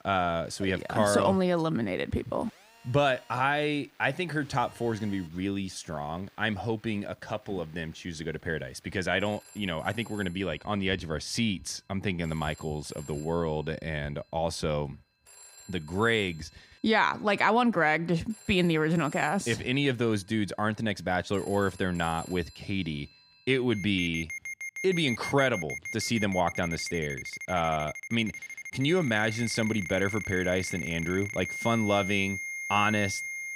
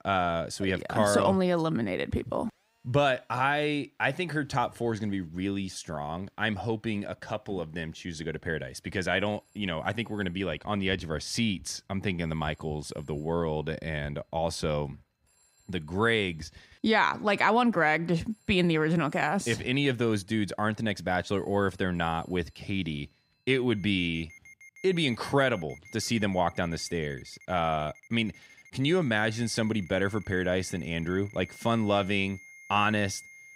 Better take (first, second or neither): second